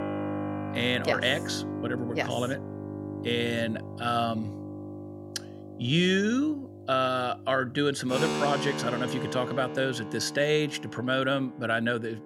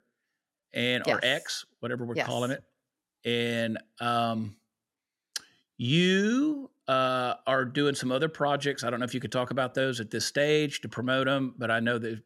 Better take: second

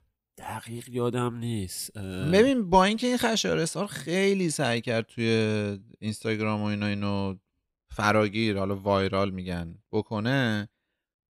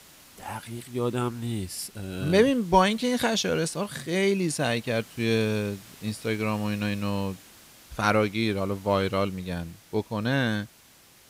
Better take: first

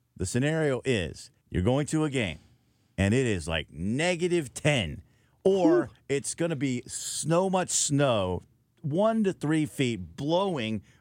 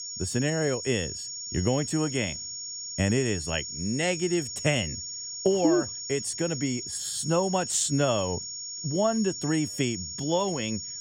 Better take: first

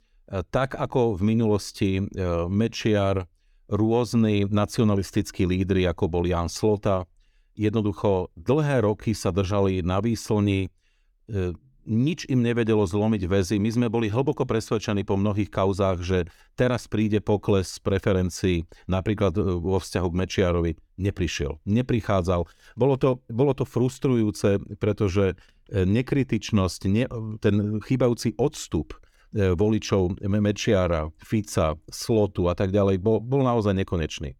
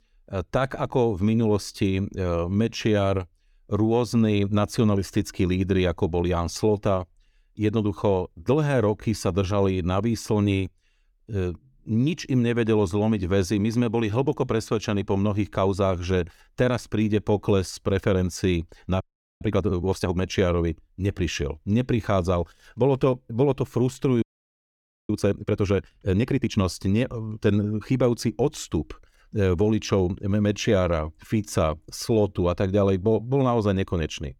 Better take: first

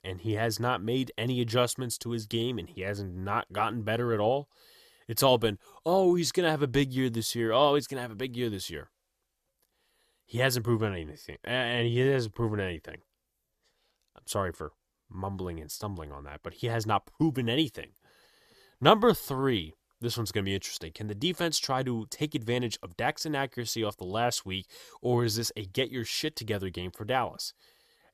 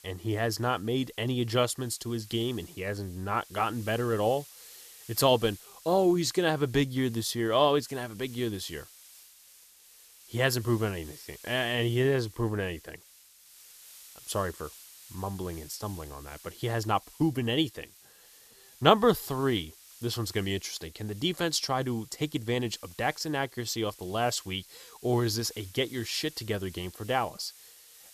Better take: first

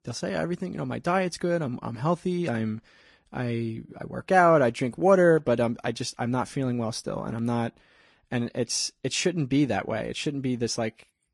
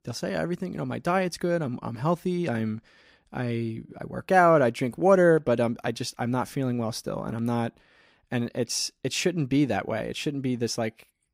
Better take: second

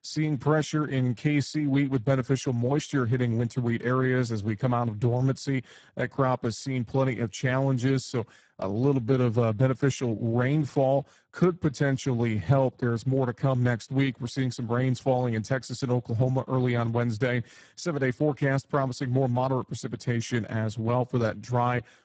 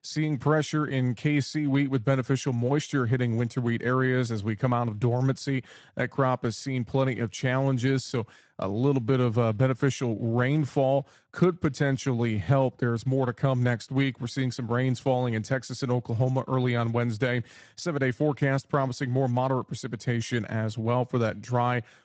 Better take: second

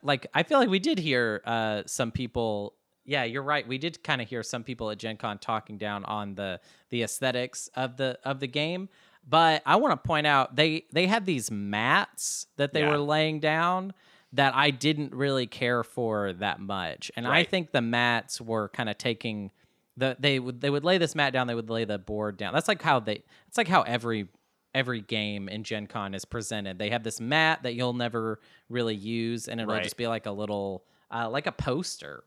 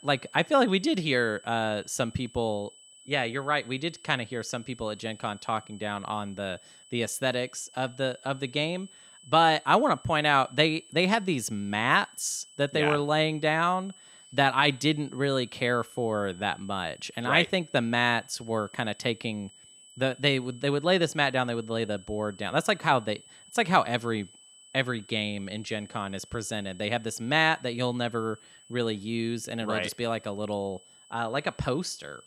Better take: first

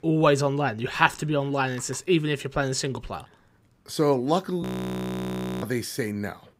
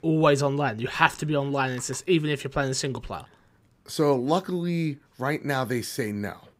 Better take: second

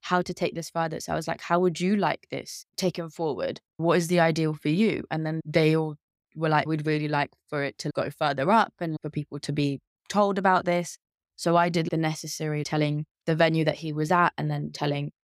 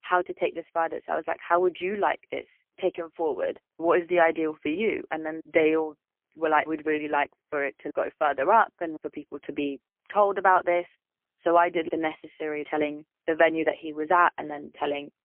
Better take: first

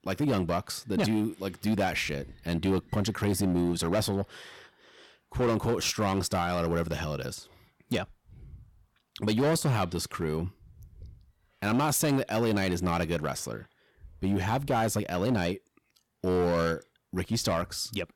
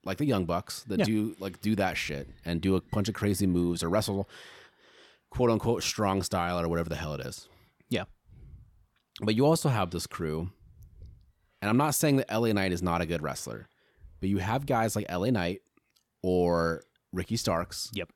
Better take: second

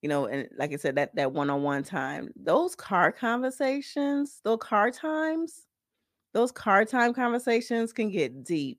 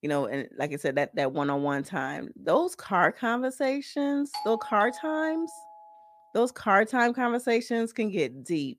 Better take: first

